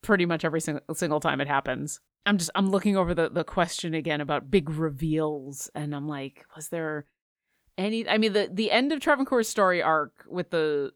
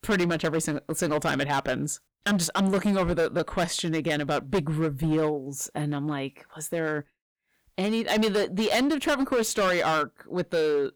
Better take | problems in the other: first | distortion; heavy; 13% of the sound clipped

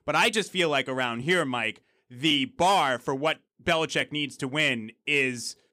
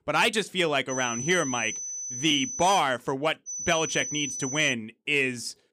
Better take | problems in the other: first | high-pitched whine; loud; from 1 to 3 s and from 3.5 to 4.5 s; 6 kHz, 6 dB below the speech

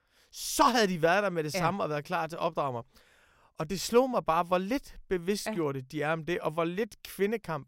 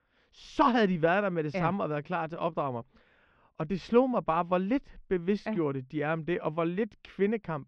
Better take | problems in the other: first | muffled; slightly; fading above 3 kHz

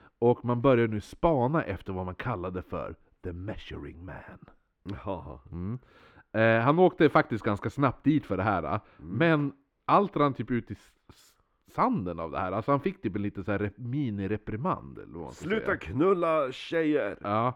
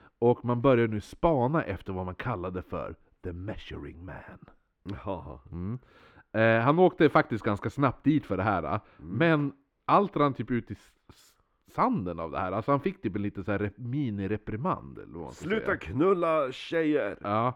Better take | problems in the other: neither | muffled; slightly; fading above 4 kHz; the same in both

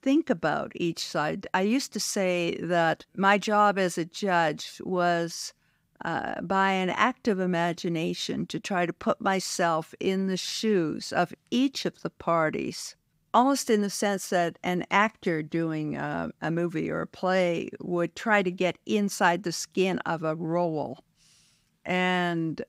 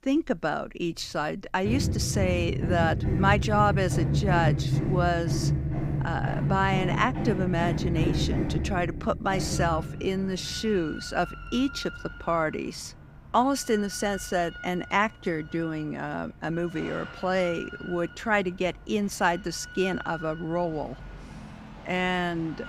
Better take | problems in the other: first | machinery noise; loud; throughout; 2 dB below the speech

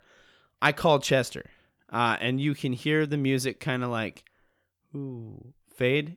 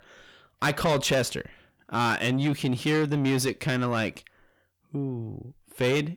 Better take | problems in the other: first | distortion; heavy; 8 dB below the speech

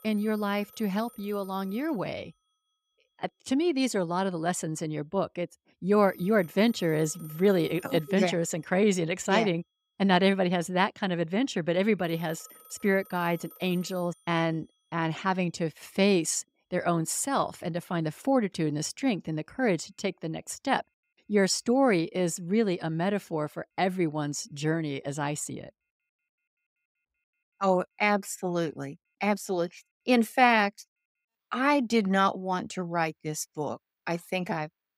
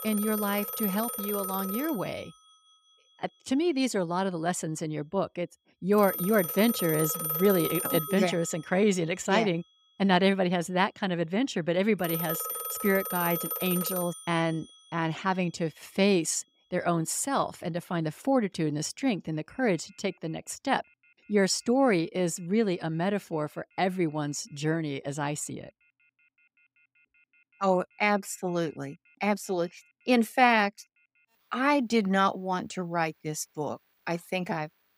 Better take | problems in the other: first | alarms or sirens; loud; throughout; 4 dB below the speech; faint in the first

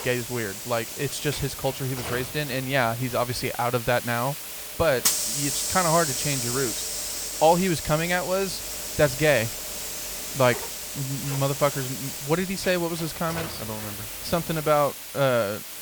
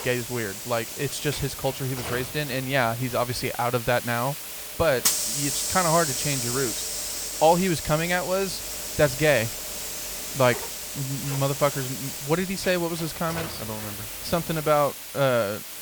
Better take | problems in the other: neither | hiss; loud; throughout; 4 dB below the speech; the same in both

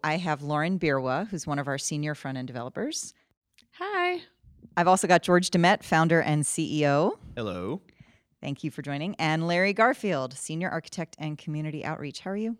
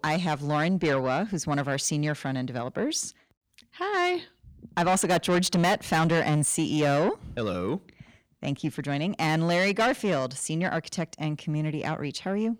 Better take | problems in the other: first | distortion; heavy; 8 dB below the speech

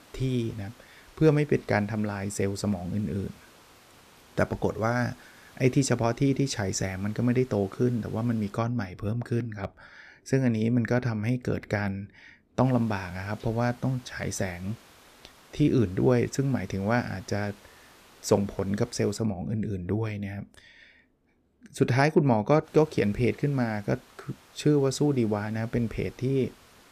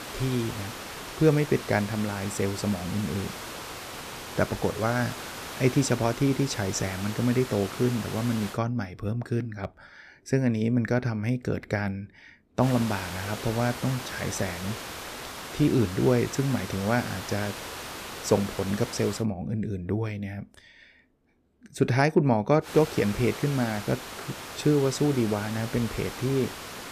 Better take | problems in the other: first | hiss; loud; until 8.5 s, from 13 to 19 s and from 23 s on; 10 dB below the speech; faint in the first

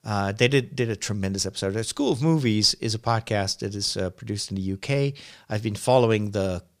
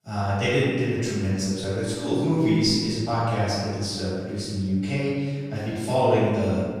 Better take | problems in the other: first | room echo; strong; dies away in 1.7 s // off-mic speech; far

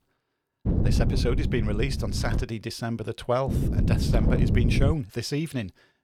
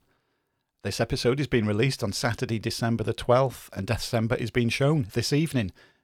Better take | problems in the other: second | wind noise on the microphone; heavy; from 0.5 to 2.5 s and from 3.5 to 5 s; 5 dB below the speech

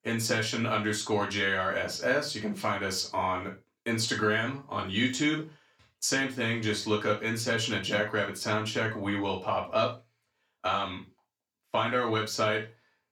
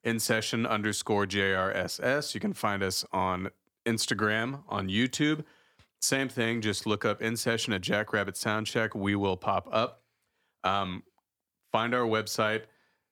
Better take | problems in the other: second | room echo; slight; dies away in 0.2 s // off-mic speech; far

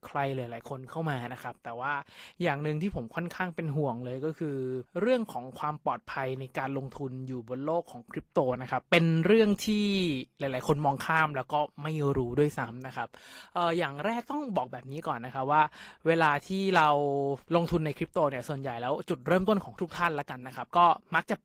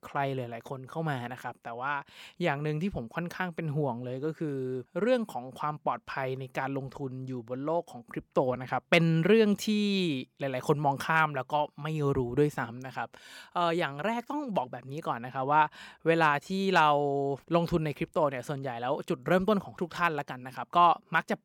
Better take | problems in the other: second | garbled, watery; slightly; nothing above 15.5 kHz

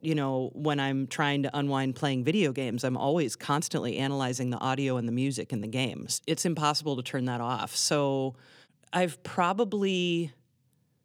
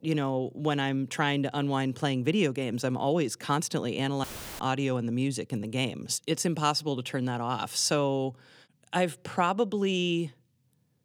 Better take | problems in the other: first | audio cutting out; filled with static; at 4 s

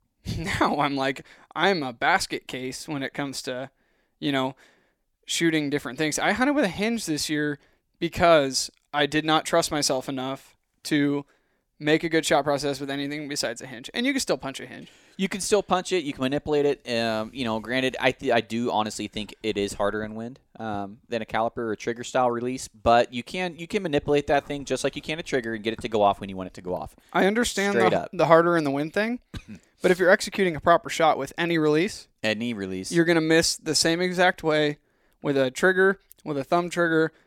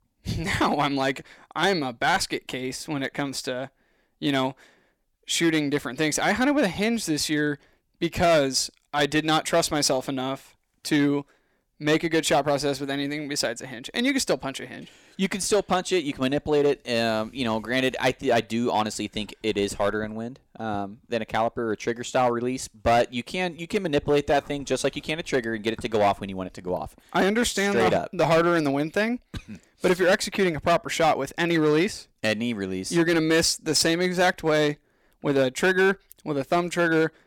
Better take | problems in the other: first | distortion; slight; 4% of the sound clipped

